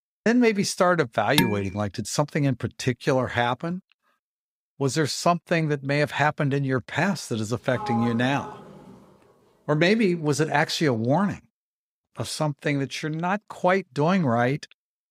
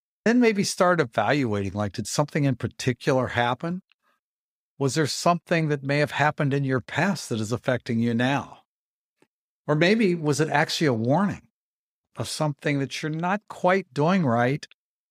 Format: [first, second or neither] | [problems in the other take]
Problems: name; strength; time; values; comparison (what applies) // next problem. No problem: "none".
second | clattering dishes; noticeable; at 1.5 s; peak level with the speech // door banging; noticeable; from 7.5 to 9 s; peak 7 dB below the speech